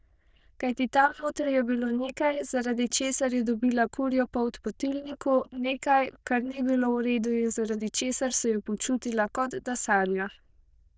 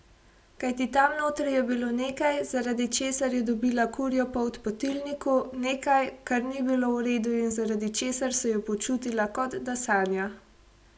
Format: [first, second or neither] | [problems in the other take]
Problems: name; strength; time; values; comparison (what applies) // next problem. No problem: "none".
second | noise reduction (neural diffusion model UNIVERSE++)